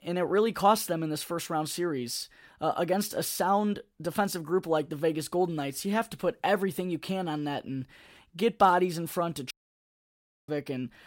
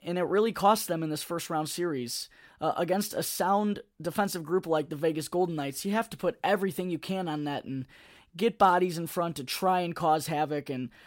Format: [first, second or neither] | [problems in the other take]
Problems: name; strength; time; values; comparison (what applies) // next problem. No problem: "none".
second | audio cutting out; at 9.5 s for 1 s